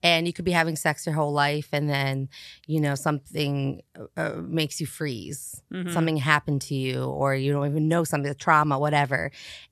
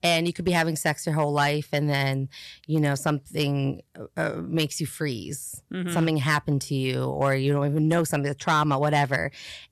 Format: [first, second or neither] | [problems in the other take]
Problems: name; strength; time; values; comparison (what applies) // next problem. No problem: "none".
first | distortion; slight; 3% of the sound clipped